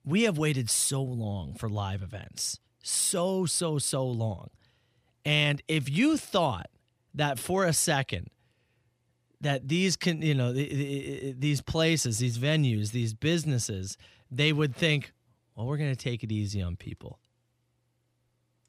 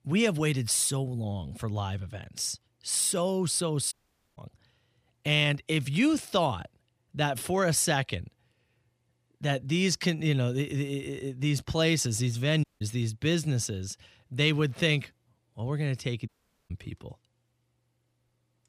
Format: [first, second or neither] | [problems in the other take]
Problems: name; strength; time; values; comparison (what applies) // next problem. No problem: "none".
first | audio cutting out; at 4 s, at 13 s and at 16 s